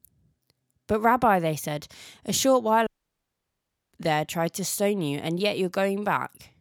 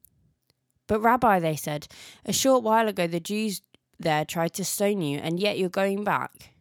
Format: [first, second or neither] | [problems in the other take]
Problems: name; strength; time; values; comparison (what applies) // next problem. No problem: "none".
second | audio cutting out; at 3 s for 1 s